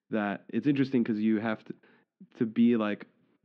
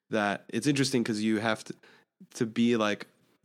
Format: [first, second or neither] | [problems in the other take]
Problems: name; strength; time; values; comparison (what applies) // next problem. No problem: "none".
second | muffled; very; fading above 3 kHz